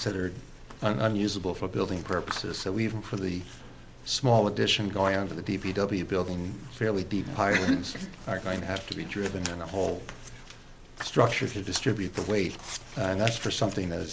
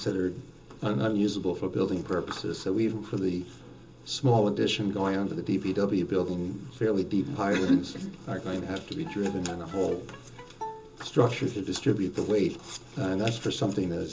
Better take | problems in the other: first | background sound (Bowed string instrument); 16 dB below the speech // room echo; dies away in 0.2 s

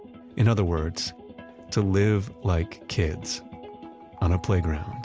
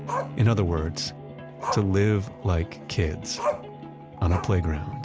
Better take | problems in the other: first | background sound (Bowed string instrument + Growling); 8 dB below the speech

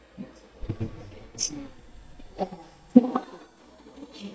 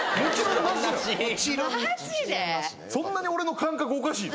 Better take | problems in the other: second | noise reduction (neural mask model DeepFilterNet 3)

